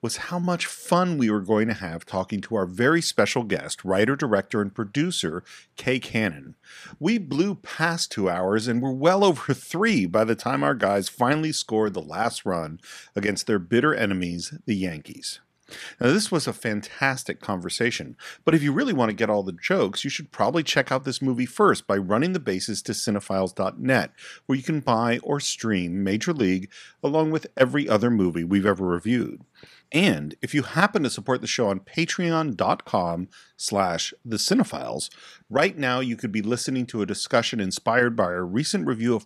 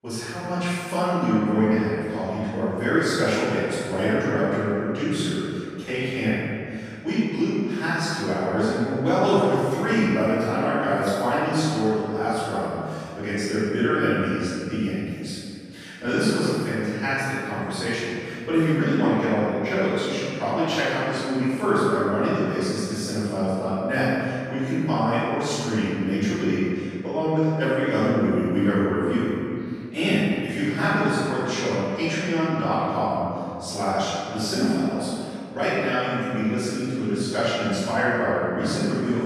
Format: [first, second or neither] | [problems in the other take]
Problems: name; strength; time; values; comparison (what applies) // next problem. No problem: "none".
first | off-mic speech; far // room echo; strong; dies away in 2.2 s